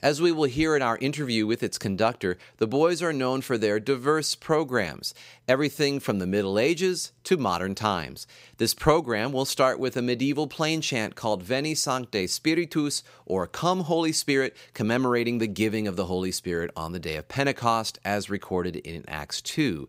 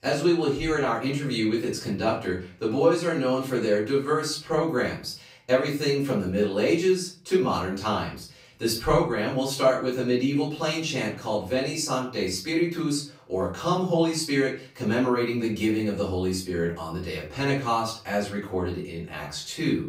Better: first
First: none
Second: off-mic speech; far // room echo; slight; dies away in 0.3 s

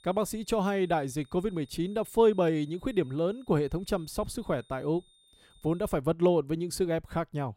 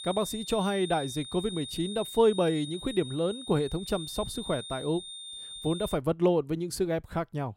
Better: first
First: high-pitched whine; faint; until 6 s; 3.5 kHz, 30 dB below the speech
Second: high-pitched whine; loud; until 6 s; 3.5 kHz, 10 dB below the speech

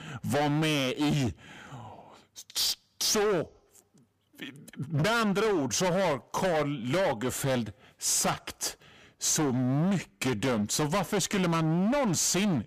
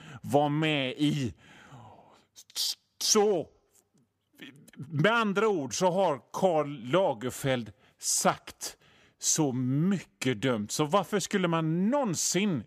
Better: second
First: distortion; heavy; 24% of the sound clipped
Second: none

